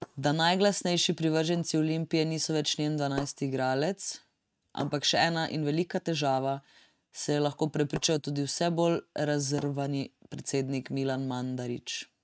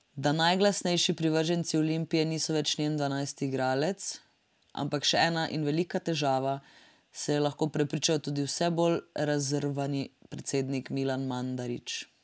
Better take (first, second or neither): second